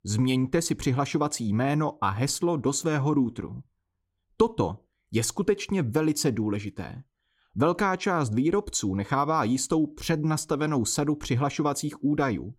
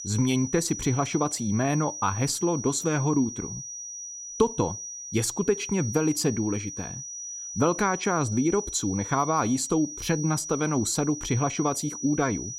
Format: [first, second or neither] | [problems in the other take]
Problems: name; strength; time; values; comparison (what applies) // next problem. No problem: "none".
first | high-pitched whine; loud; throughout; 6 kHz, 8 dB below the speech